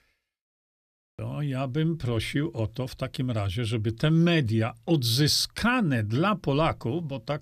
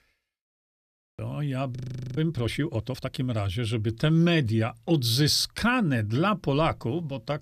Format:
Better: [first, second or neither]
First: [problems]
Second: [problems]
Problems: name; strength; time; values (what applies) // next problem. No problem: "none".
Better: first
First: none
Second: audio freezing; at 2 s